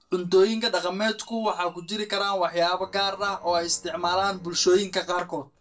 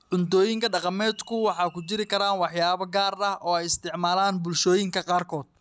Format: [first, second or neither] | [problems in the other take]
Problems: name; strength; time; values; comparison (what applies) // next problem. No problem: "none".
second | noise reduction (neural separator model SepFormer DNS4)